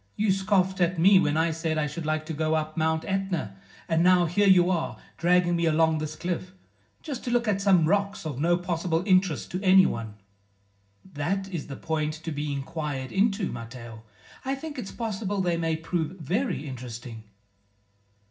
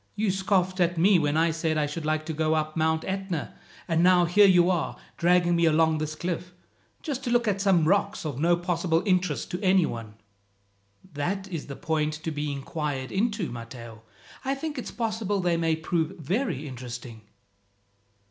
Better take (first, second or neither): second